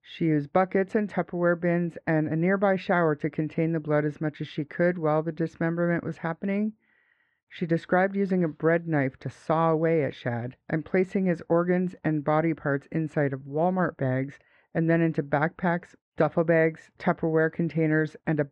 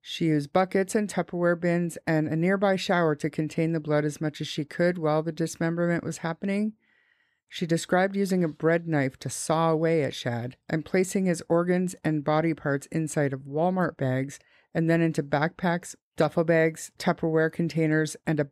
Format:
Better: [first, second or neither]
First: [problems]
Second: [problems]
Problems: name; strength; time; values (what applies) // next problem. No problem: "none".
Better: second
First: muffled; very; fading above 2 kHz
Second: none